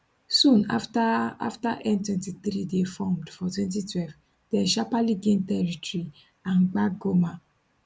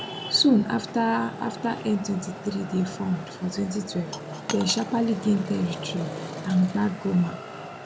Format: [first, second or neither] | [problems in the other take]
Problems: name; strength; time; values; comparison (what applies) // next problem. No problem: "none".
first | background sound (Traffic noise, roadway noise + Coin (dropping)); 10 dB below the speech